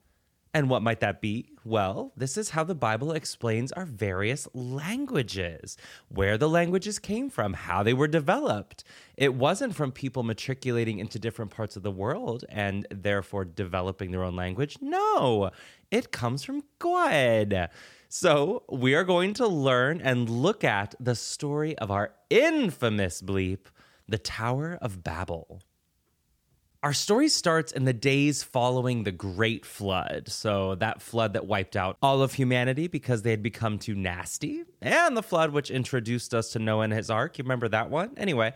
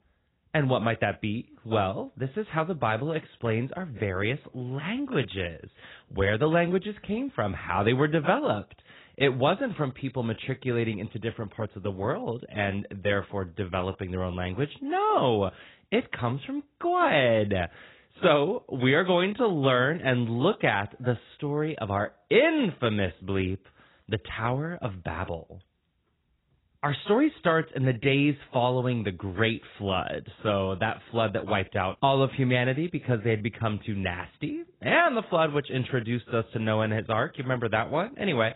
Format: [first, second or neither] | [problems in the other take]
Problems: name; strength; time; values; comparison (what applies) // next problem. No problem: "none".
first | garbled, watery; badly; nothing above 4 kHz